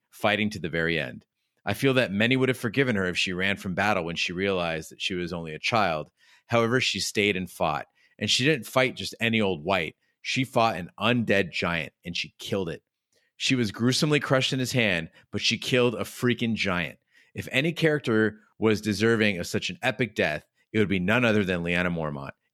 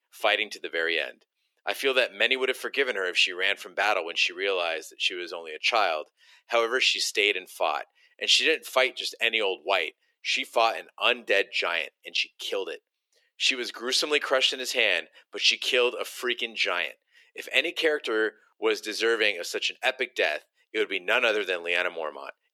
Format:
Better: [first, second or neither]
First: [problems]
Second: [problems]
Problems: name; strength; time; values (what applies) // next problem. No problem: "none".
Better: first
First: none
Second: thin; very; fading below 350 Hz